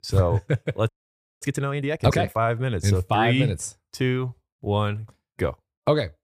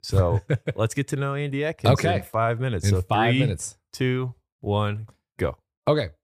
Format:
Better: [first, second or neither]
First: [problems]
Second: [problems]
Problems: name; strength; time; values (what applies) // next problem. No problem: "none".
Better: second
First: audio freezing; at 1 s for 0.5 s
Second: none